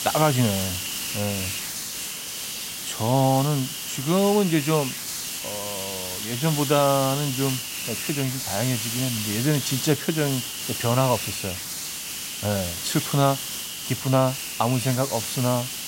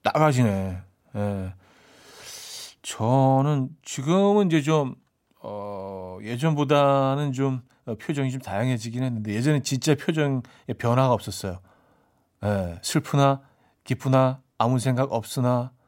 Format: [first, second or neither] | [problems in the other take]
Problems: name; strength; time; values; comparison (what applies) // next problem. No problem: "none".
second | hiss; loud; throughout; 4 dB below the speech